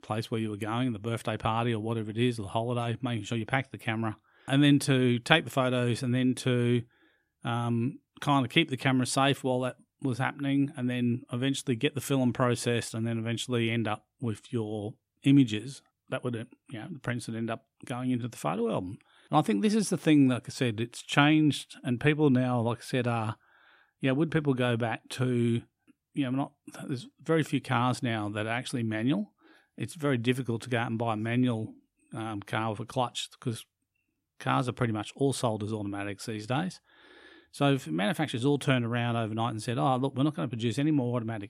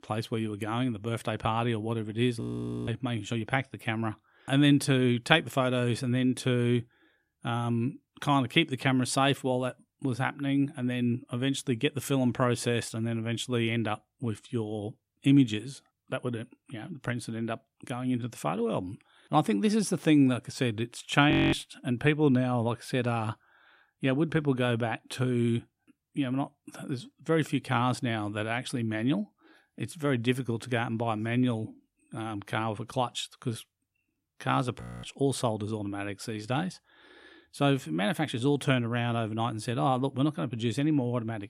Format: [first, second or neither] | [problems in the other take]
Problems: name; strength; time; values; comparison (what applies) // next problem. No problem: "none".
first | audio freezing; at 2.5 s, at 21 s and at 35 s